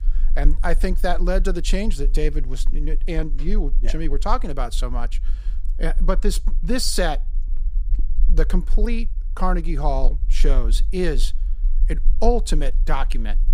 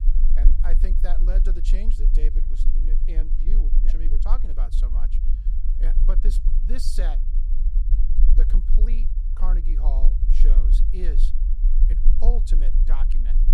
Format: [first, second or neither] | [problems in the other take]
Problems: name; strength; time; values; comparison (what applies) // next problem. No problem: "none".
first | low rumble; loud; throughout; 7 dB below the speech; faint in the first